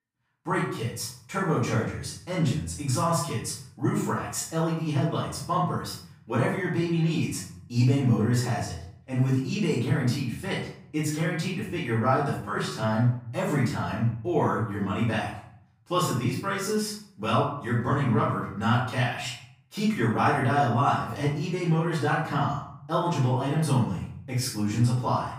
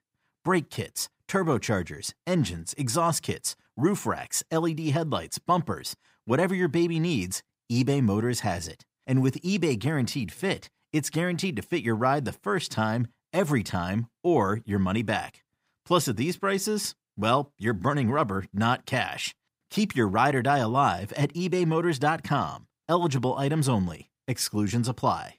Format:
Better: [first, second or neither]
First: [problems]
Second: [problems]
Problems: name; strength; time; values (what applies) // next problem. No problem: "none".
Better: second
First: room echo; noticeable; dies away in 0.5 s // off-mic speech; far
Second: none